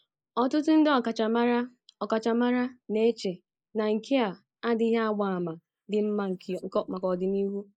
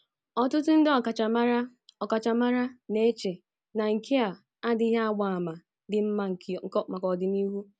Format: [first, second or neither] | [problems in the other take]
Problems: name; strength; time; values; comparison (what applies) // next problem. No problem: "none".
second | noise reduction (neural mask model Resemble Enhance denoiser)